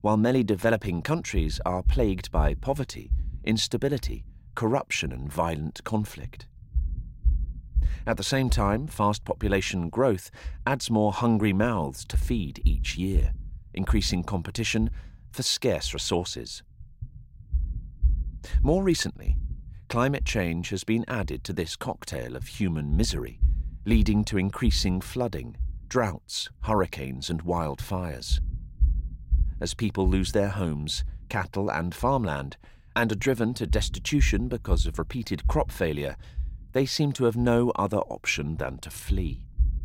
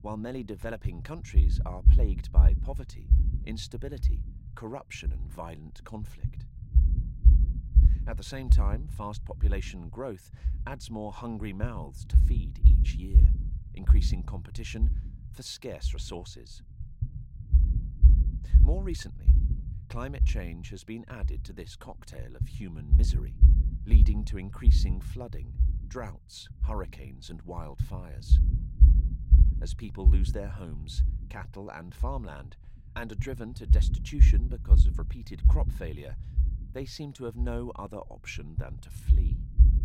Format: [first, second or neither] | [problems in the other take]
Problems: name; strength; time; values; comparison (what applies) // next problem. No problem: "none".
first | low rumble; loud; throughout; 4 dB below the speech; faint in the first